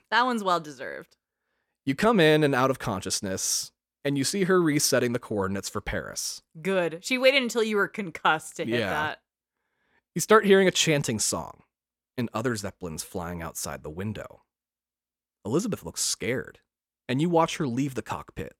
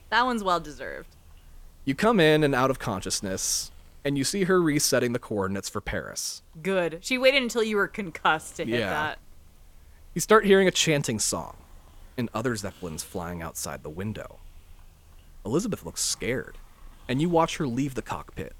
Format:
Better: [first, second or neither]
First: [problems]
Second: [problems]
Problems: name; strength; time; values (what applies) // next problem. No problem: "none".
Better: first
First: none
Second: hiss; faint; throughout; 30 dB below the speech